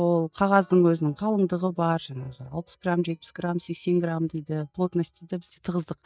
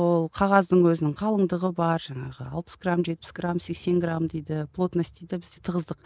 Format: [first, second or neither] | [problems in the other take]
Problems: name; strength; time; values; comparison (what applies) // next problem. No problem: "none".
second | noise reduction (neural mask model DeepFilterNet 3)